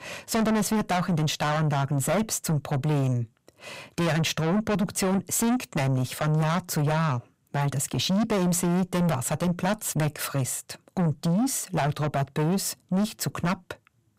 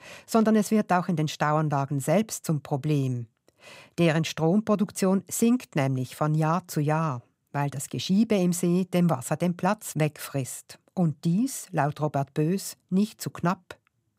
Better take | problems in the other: second | distortion; heavy; 5 dB below the speech

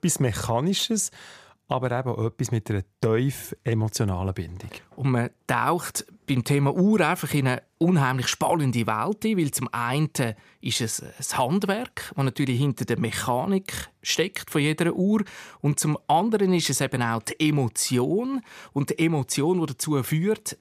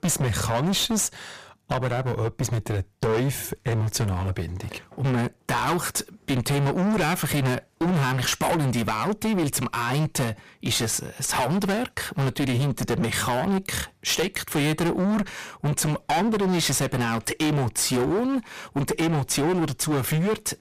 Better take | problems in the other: first | distortion; heavy; 25% of the sound clipped

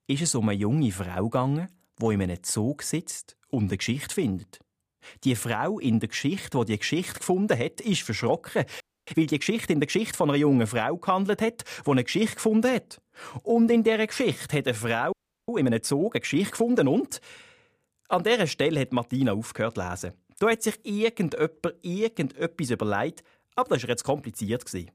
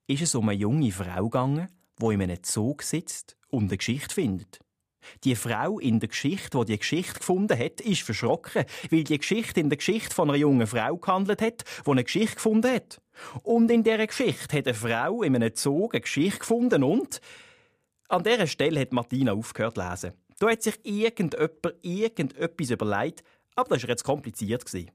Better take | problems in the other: second | audio freezing; at 9 s and at 15 s

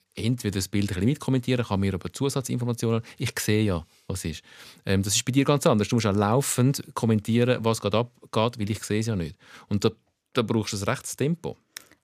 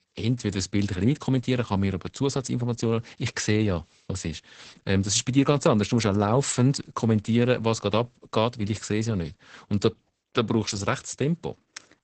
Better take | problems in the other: first | garbled, watery; badly; nothing above 8 kHz

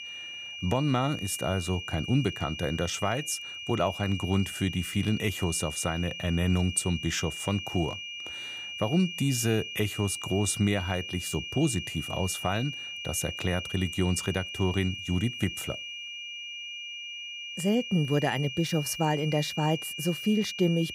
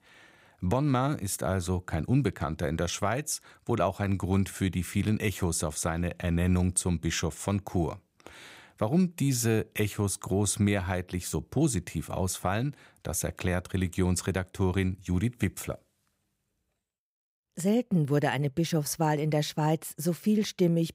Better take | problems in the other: second | high-pitched whine; loud; throughout; 3 kHz, 7 dB below the speech

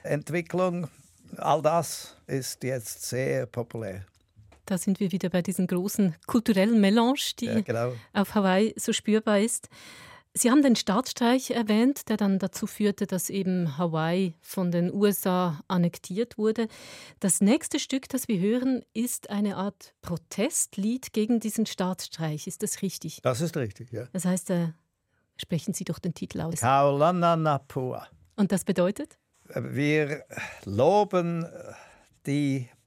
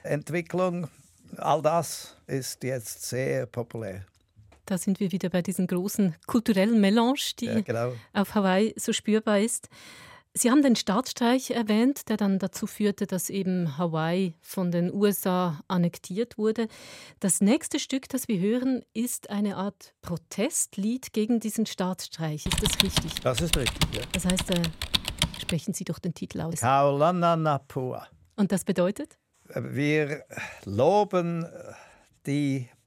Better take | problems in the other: first | keyboard typing; loud; from 22 to 26 s; peak 3 dB above the speech

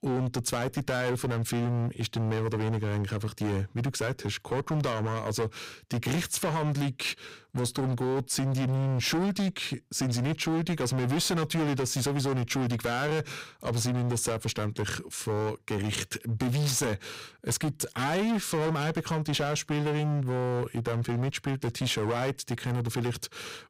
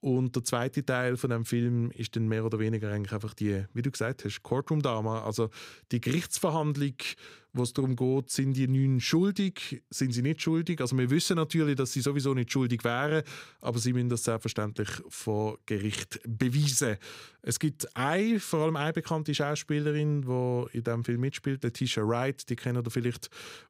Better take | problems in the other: second | distortion; heavy; 22% of the sound clipped

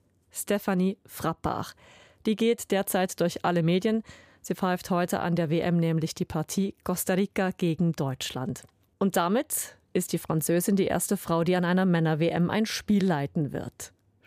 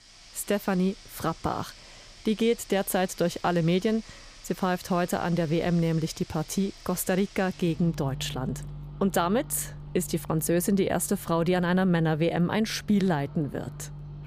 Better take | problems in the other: first | household noises; noticeable; throughout; 15 dB below the speech

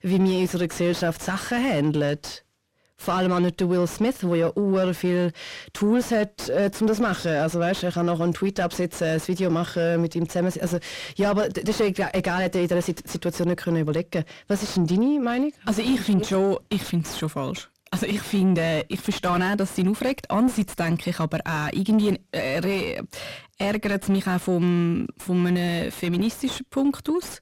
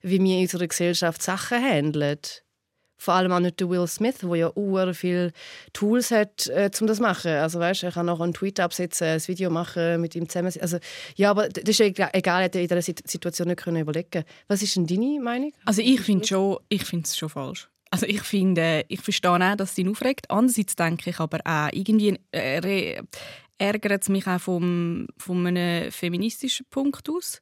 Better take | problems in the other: second | distortion; heavy; 8 dB below the speech

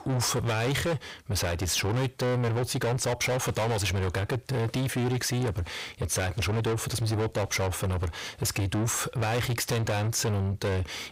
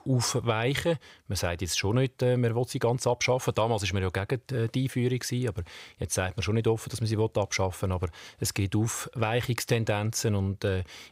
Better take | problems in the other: second | distortion; heavy; 6 dB below the speech

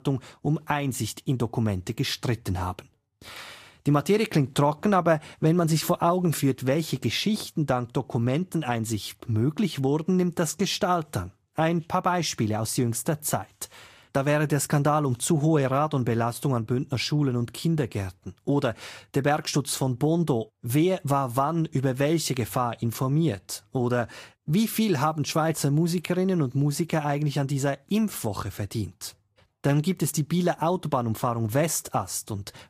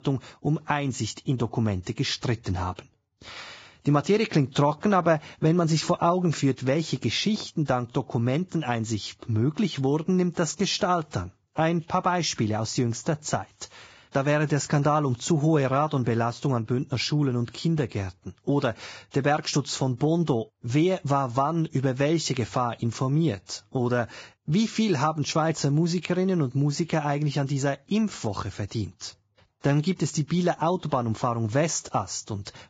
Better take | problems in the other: first | garbled, watery; badly; nothing above 7.5 kHz; slightly in the first

